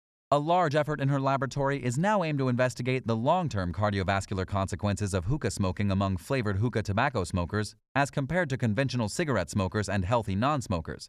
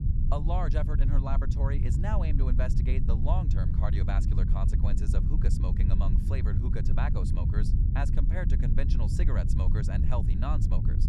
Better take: first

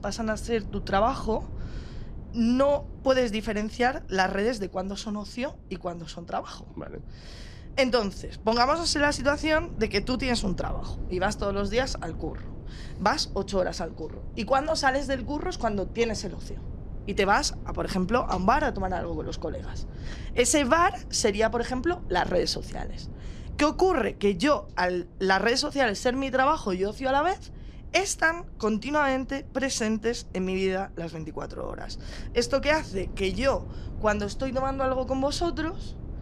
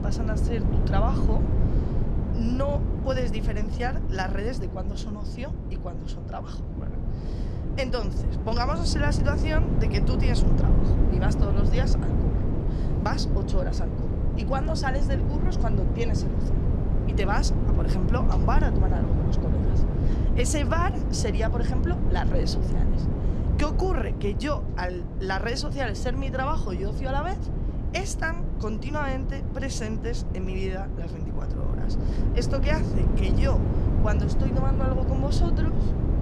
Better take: first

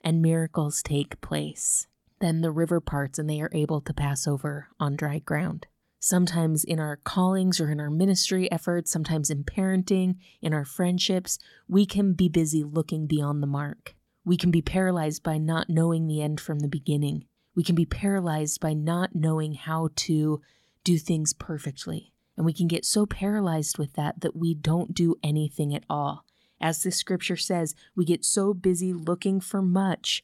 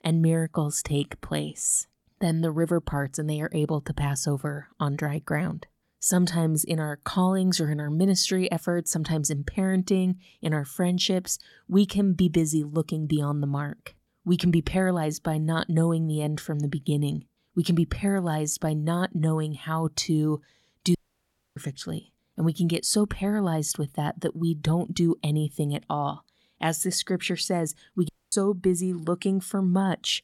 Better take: first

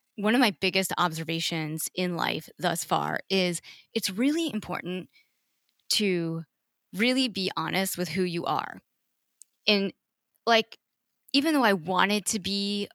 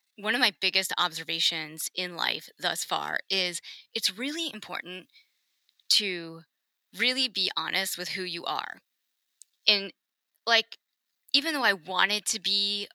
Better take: first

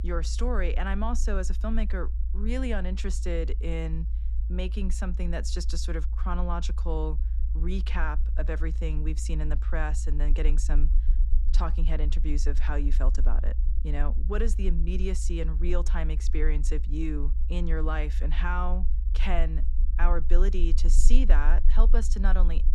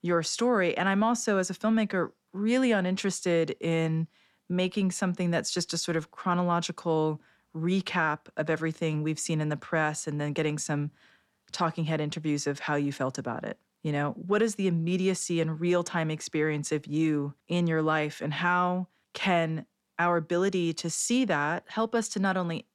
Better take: second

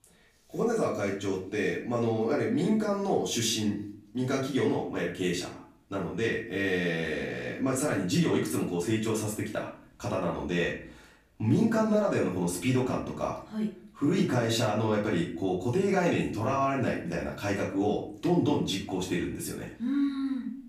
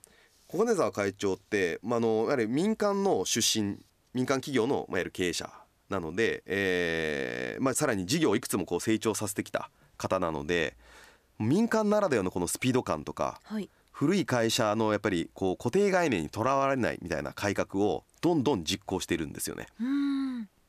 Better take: second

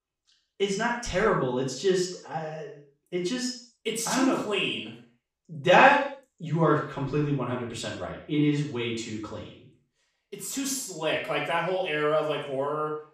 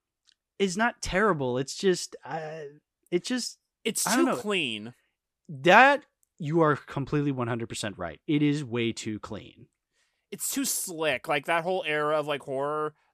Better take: second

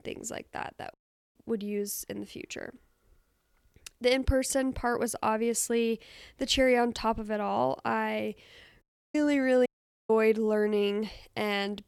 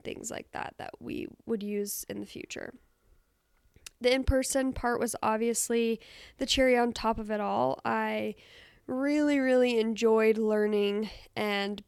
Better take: second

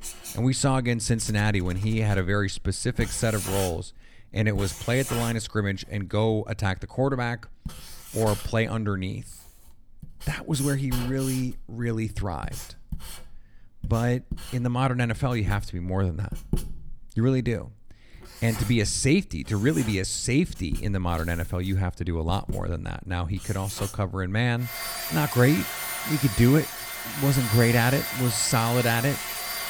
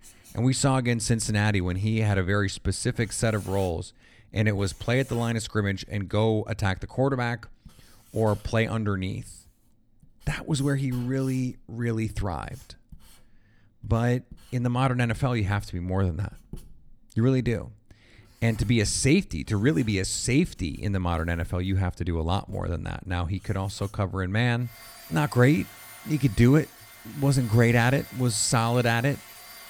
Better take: second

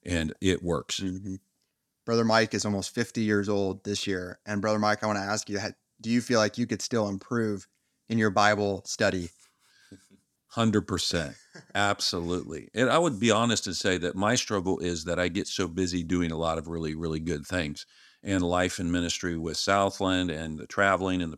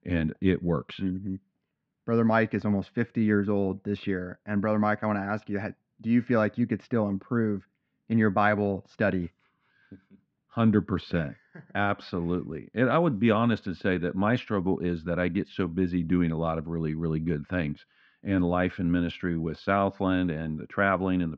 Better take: first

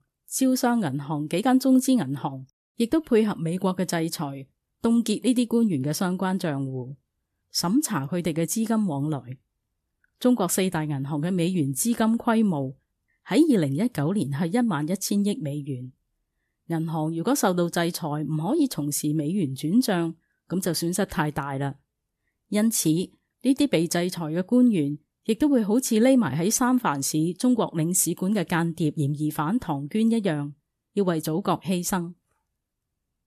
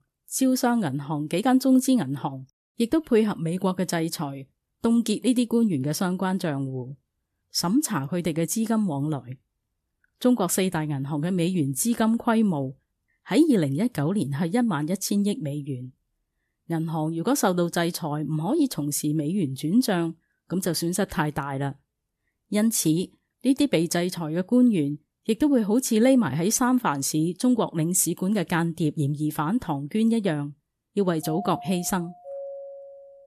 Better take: first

